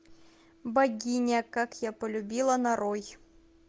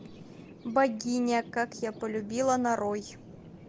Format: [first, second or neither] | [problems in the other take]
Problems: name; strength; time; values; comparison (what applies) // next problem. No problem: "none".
first | background sound (Thunder); 17 dB below the speech